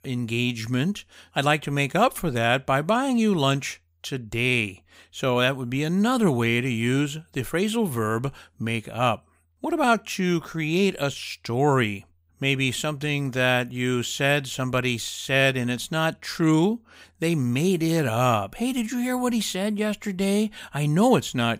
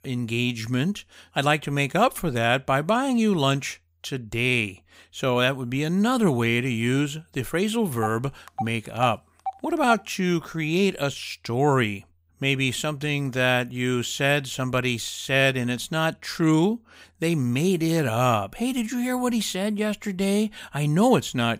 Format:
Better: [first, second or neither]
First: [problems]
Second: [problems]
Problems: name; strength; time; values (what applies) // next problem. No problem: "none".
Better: first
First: none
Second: phone ringing; faint; from 8 to 10 s; peak 10 dB below the speech